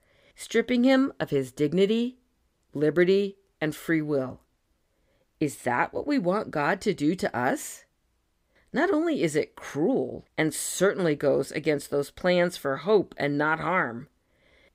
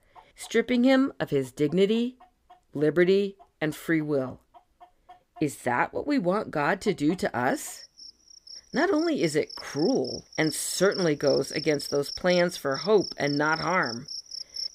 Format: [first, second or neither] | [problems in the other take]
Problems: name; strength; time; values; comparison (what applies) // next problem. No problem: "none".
first | animal sounds; noticeable; throughout; 10 dB below the speech